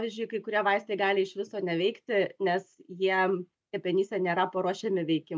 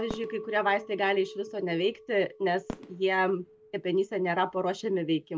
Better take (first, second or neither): first